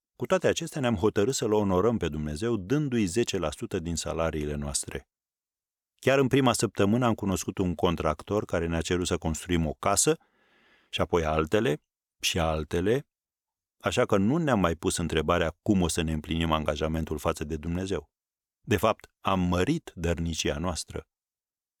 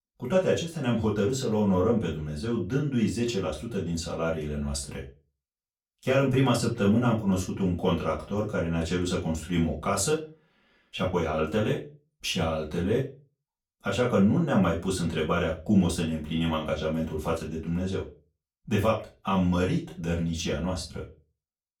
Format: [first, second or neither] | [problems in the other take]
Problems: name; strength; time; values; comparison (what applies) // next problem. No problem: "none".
first | room echo; slight; dies away in 0.3 s // off-mic speech; far